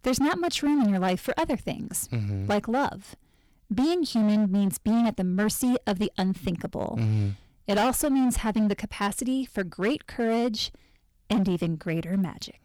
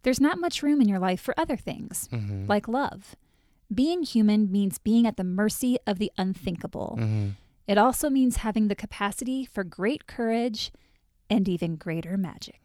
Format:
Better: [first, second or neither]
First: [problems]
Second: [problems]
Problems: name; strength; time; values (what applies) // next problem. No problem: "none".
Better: second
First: distortion; slight; 13% of the sound clipped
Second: none